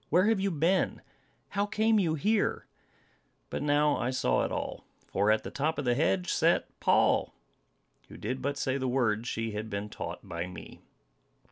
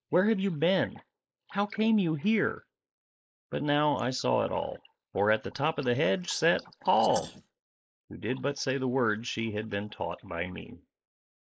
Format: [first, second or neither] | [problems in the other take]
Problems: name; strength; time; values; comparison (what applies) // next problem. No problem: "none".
first | noise reduction (neural mask model Resemble Enhance denoiser)